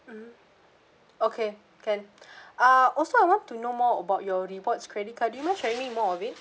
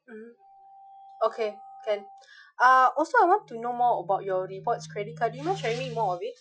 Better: first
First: none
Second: noise reduction (classical method Wiener filter)

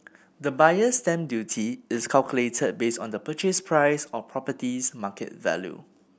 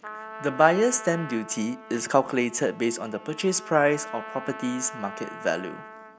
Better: first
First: none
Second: background sound (Trumpet); 14 dB below the speech

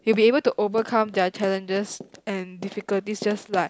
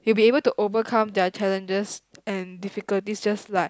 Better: second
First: background sound (Run); 19 dB below the speech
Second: none

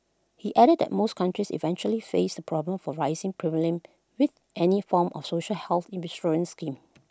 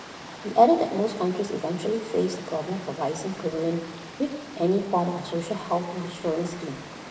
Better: first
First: none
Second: background sound (Water); 14 dB below the speech // room echo; dies away in 1.2 s

